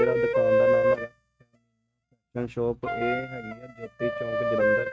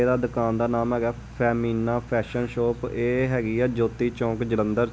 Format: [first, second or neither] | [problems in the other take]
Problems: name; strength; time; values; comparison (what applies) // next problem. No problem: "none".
second | noise reduction (neural mask model RNNoise)